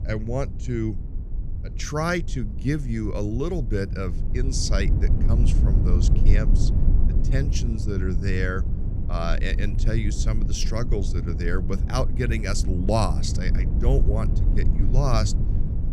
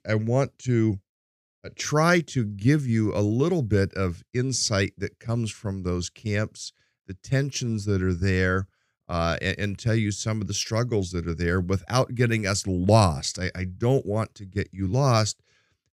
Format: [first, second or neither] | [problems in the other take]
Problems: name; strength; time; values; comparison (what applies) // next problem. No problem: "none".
second | low rumble; loud; throughout; 9 dB below the speech